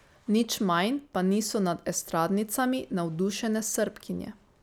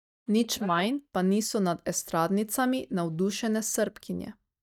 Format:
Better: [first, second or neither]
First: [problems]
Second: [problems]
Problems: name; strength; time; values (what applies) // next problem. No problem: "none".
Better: first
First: none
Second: noise reduction (neural mask model DeepFilterNet 3)